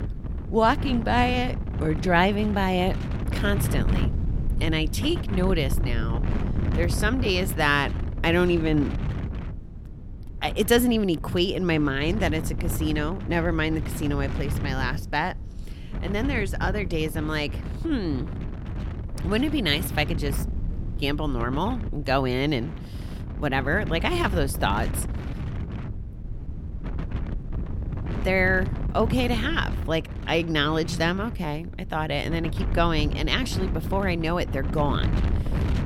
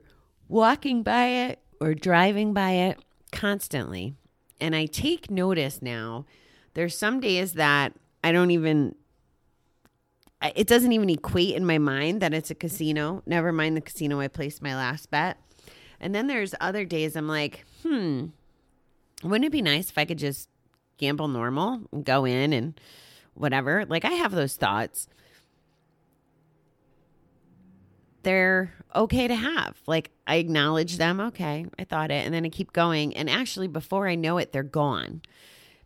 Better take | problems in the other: second | wind noise on the microphone; occasional gusts; 15 dB below the speech

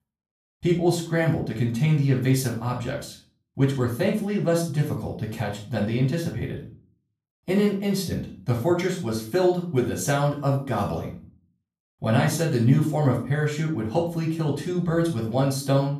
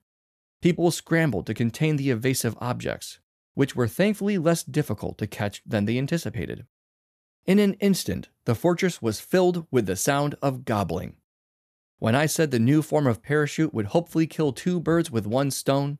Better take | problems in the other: second | off-mic speech; far // room echo; noticeable; dies away in 0.4 s

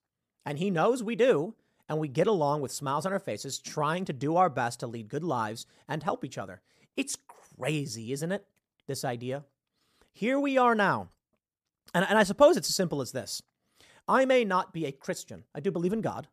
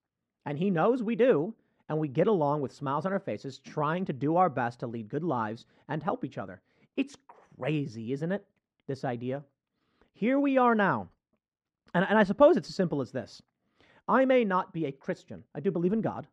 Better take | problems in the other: first | muffled; slightly; fading above 2.5 kHz

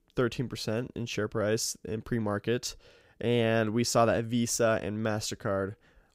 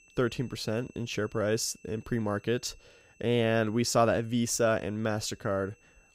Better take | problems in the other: first | high-pitched whine; faint; throughout; 2.5 kHz, 30 dB below the speech

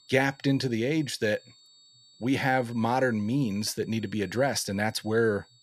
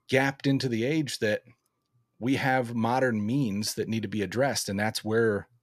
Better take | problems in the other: second | high-pitched whine; faint; throughout; 4.5 kHz, 30 dB below the speech

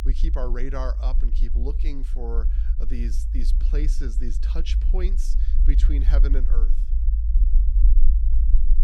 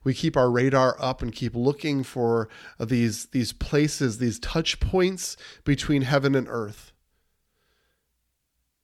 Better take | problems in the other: second | low rumble; loud; throughout; 9 dB below the speech

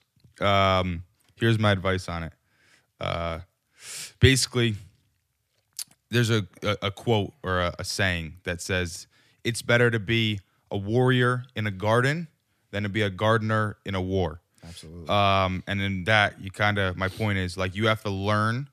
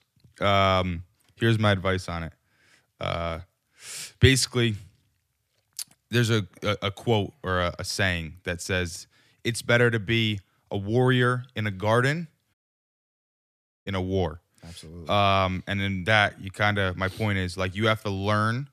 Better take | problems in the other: first | audio cutting out; at 13 s for 1.5 s

